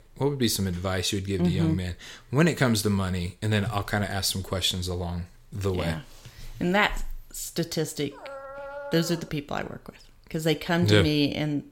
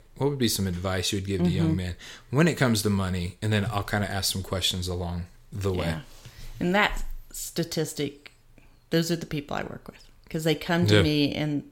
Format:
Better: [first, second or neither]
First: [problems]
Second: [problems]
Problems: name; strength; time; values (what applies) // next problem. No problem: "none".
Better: second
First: dog barking; faint; from 8 to 9.5 s; peak 10 dB below the speech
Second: none